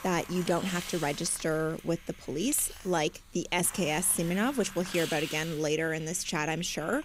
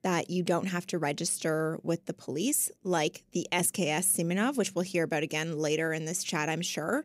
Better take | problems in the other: second | hiss; noticeable; throughout; 15 dB below the speech

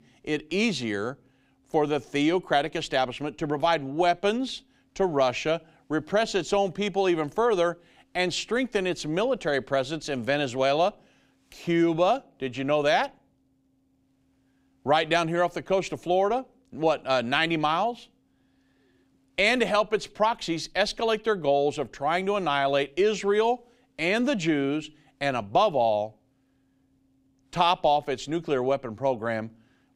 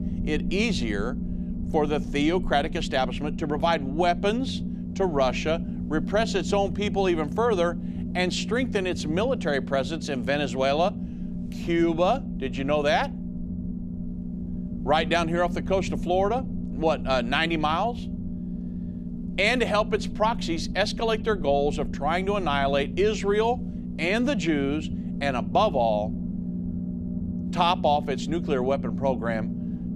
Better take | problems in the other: first | low rumble; noticeable; throughout; 15 dB below the speech

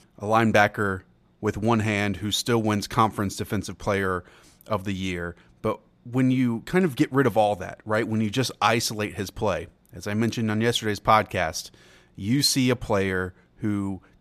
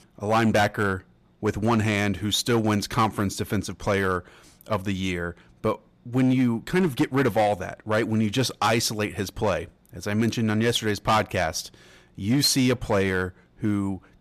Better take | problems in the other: first | distortion; slight; 4% of the sound clipped

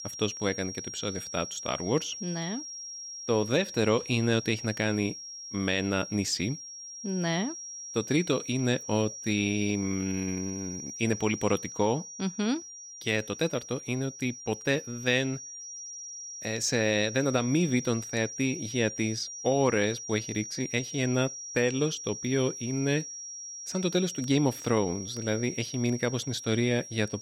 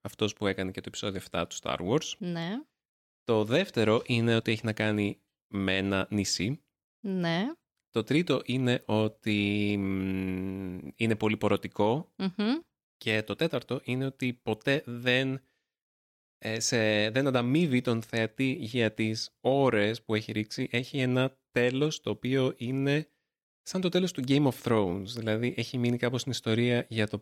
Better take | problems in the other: second | high-pitched whine; loud; throughout; 5.5 kHz, 9 dB below the speech

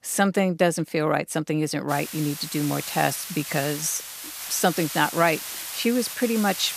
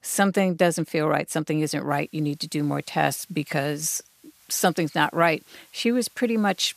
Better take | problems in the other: second | hiss; loud; from 2 s on; 8 dB below the speech; faint in the second

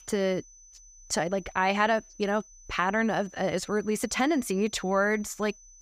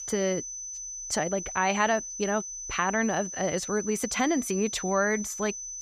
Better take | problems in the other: first | high-pitched whine; loud; throughout; 6 kHz, 7 dB below the speech; faint in the first

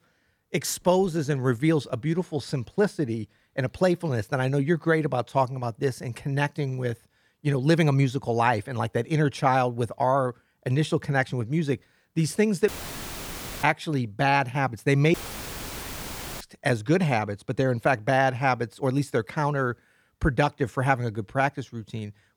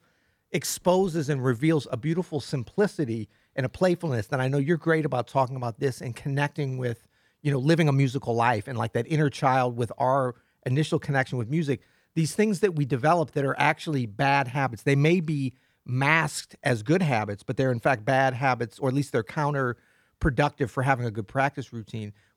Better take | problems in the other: second | audio cutting out; filled with static; at 13 s for 1 s and at 15 s for 1.5 s

